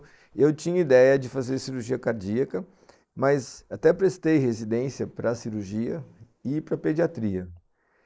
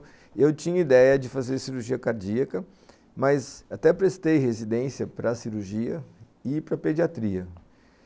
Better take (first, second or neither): second